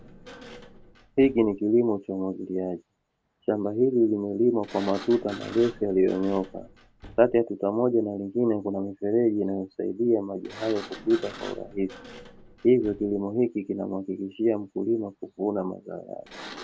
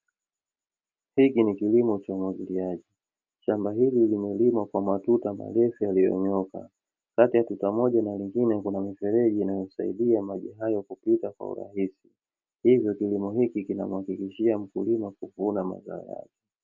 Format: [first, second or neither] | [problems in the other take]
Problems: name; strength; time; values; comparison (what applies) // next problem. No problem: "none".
second | background sound (Sliding door); 20 dB below the speech